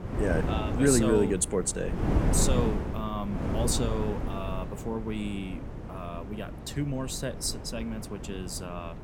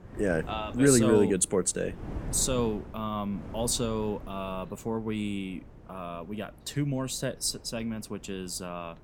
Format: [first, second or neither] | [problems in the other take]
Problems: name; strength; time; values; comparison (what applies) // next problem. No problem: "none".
second | wind noise on the microphone; heavy; 6 dB below the speech; occasional gusts in the second